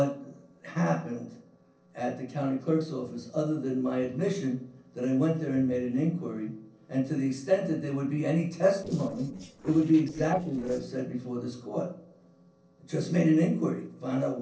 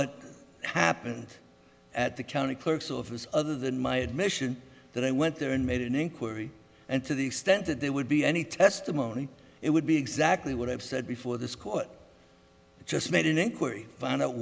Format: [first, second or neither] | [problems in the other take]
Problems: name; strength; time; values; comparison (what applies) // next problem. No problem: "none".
second | noise reduction (neural separator model SepFormer DNS4)